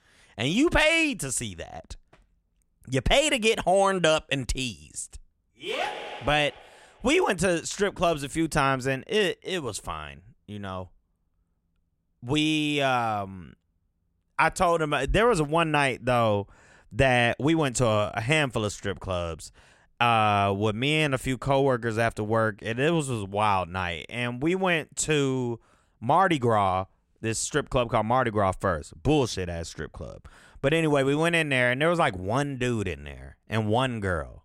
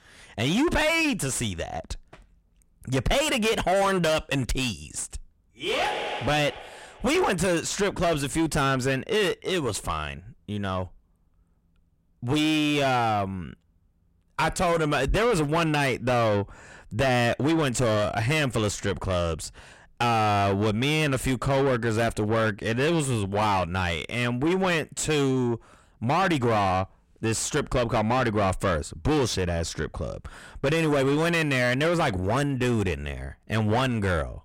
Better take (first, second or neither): first